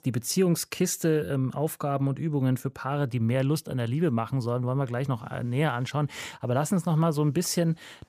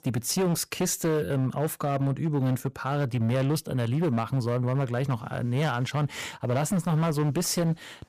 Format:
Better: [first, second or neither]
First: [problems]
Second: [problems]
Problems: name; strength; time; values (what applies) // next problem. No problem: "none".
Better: first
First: none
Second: distortion; slight; 16% of the sound clipped